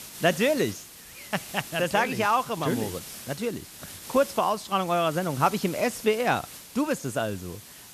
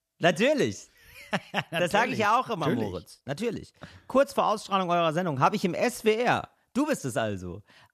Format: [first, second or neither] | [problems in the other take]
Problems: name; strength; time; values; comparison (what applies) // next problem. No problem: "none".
second | hiss; noticeable; throughout; 15 dB below the speech